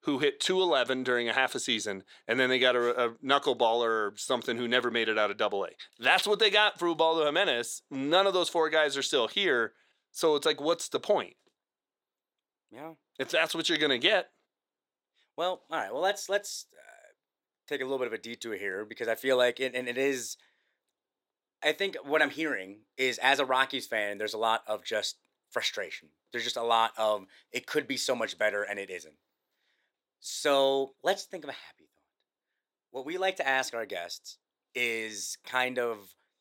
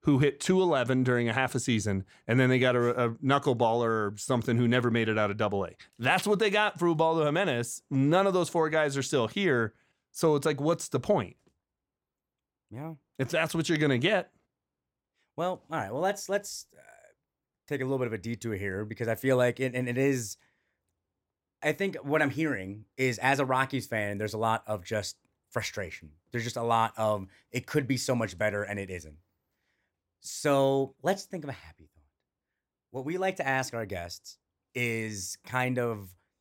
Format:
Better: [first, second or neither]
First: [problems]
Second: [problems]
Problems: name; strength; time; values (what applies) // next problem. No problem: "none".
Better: second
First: thin; somewhat; fading below 400 Hz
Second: none